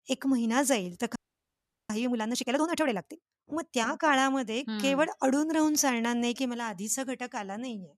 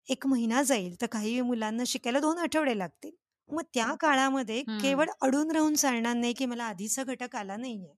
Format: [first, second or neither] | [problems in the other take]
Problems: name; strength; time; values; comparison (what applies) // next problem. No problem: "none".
second | audio freezing; at 1 s for 0.5 s